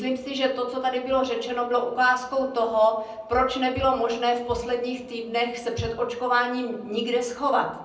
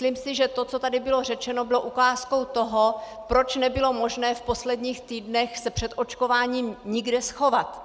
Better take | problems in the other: second | room echo; dies away in 0.6 s

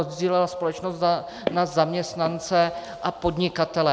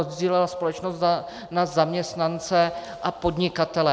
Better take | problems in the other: second | background sound (Walk, footsteps); 14 dB below the speech

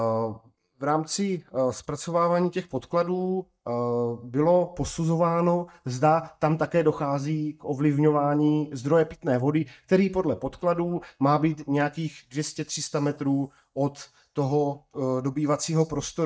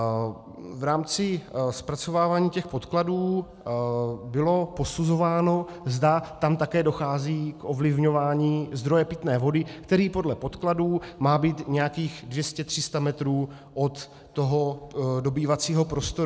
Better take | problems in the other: second | noise reduction (neural mask model DeepFilterNet 3)

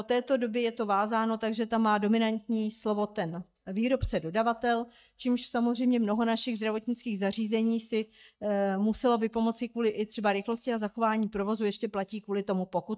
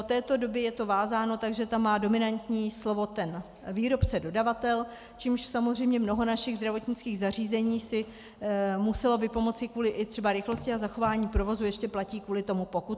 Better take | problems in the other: second | noise reduction (neural mask model DeepFilterNet 3)

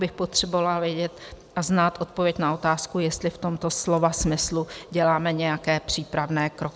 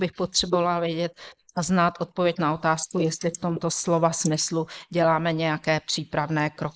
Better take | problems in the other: first | noise reduction (neural mask model Resemble Enhance denoiser)

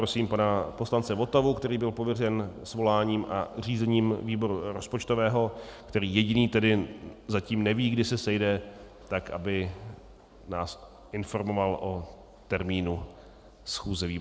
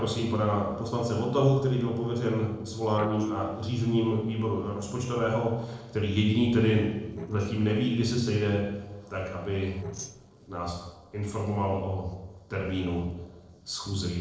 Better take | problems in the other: first | noise reduction (neural separator model SepFormer DNS4)

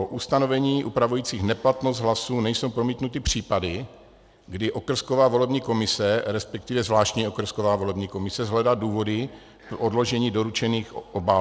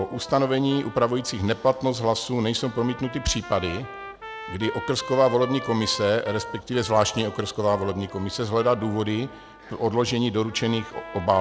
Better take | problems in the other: first | background sound (Trumpet); 15 dB below the speech

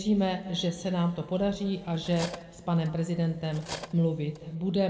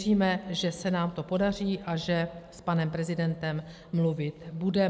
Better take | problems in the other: second | background sound (Cutlery, silverware); 16 dB below the speech // room echo; dies away in 1.4 s

